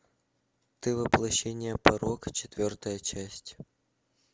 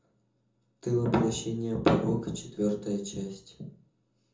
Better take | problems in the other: first | room echo; dies away in 0.5 s

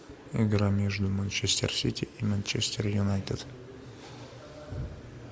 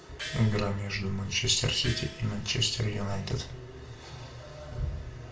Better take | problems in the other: first | background sound (Gong); 13 dB below the speech // room echo; dies away in 0.2 s

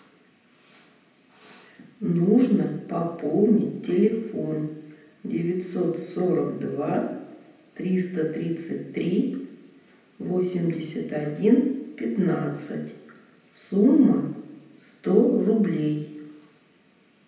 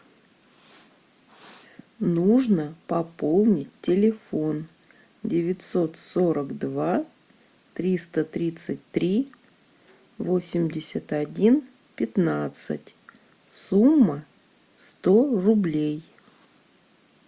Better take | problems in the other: second | room echo; dies away in 0.8 s

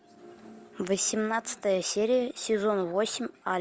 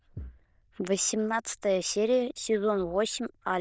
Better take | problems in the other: first | noise reduction (neural diffusion model UNIVERSE++)

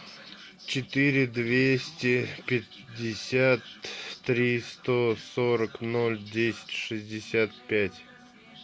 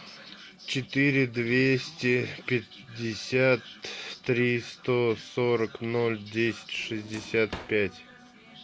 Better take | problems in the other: first | background sound (Drawer open or close); 16 dB below the speech

